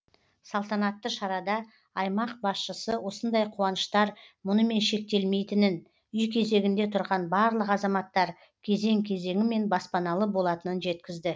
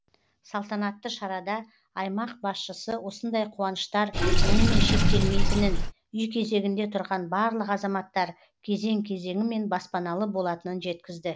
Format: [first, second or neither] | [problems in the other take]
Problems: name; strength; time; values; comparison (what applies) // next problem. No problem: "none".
first | background sound (Sink (filling or washing) / Water); 1 dB above the speech